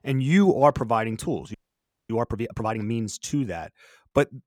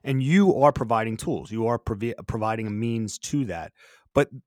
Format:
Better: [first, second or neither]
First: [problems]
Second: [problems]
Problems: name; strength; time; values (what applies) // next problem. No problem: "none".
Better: second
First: audio freezing; at 1.5 s for 0.5 s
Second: none